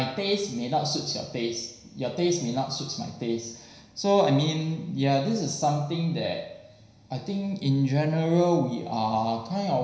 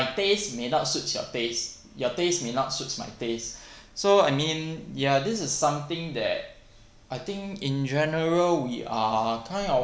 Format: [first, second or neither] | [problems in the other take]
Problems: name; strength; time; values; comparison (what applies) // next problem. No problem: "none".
second | room echo; dies away in 0.9 s